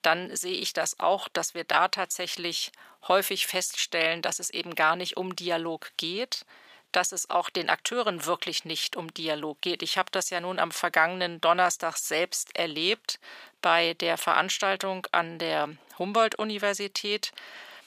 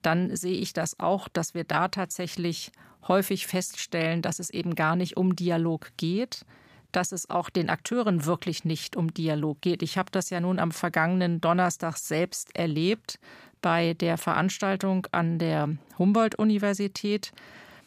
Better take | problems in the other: second | thin; very; fading below 550 Hz

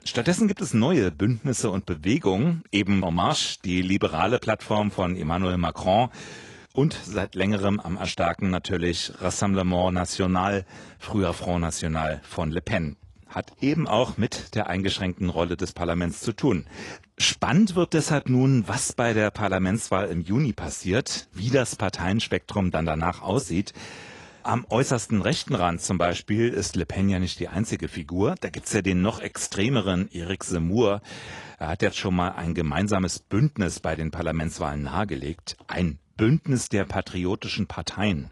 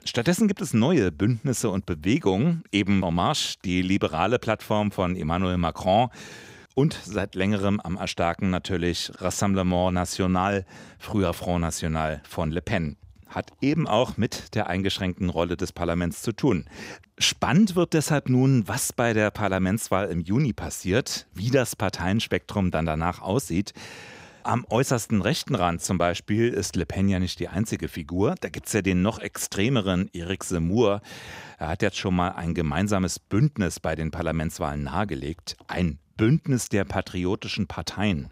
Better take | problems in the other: second | garbled, watery; slightly; nothing above 10.5 kHz

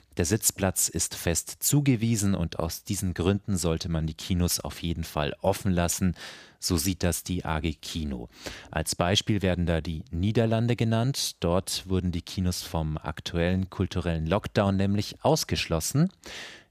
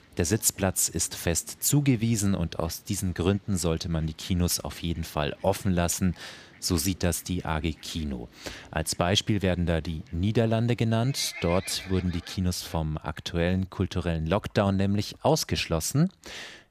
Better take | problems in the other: first | animal sounds; faint; throughout; 20 dB below the speech

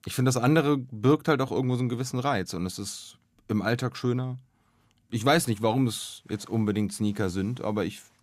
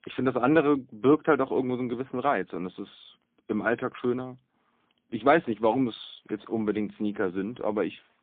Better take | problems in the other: first | phone-call audio; poor line; nothing above 3.5 kHz

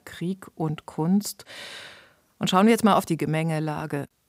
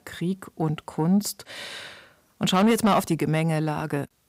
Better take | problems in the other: first | distortion; slight; 10 dB below the speech

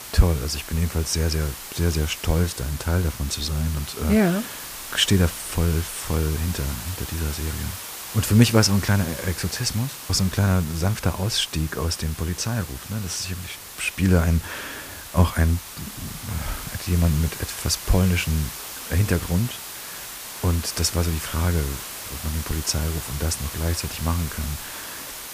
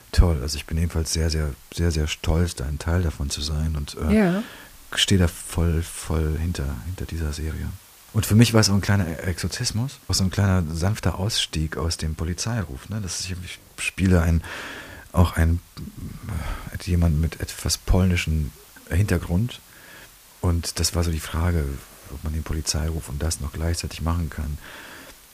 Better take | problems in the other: second | hiss; loud; throughout; 10 dB below the speech; faint in the second

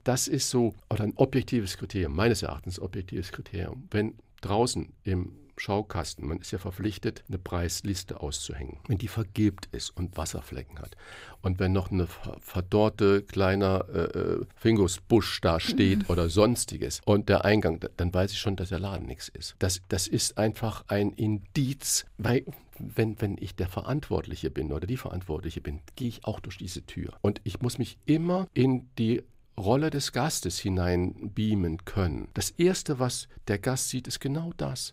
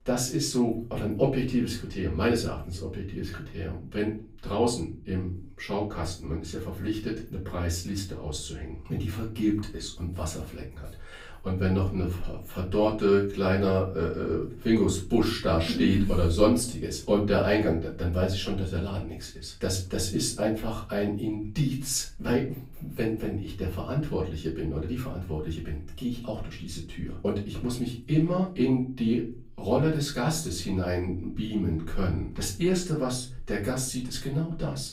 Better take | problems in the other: first | room echo; slight; dies away in 0.3 s // off-mic speech; far

